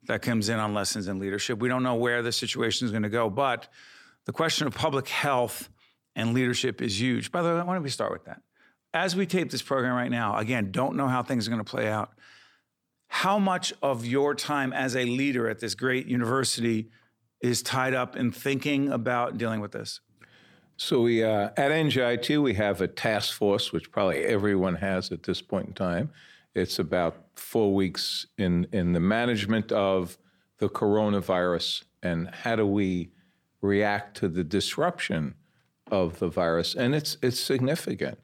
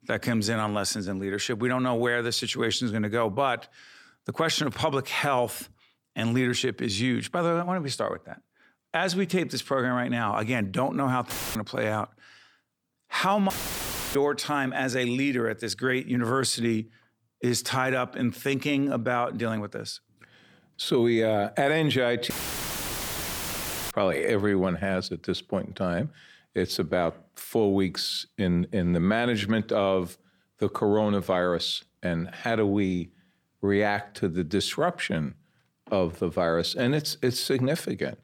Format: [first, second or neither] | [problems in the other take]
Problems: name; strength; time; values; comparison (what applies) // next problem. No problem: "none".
first | audio cutting out; filled with static; at 11 s, at 14 s for 0.5 s and at 22 s for 1.5 s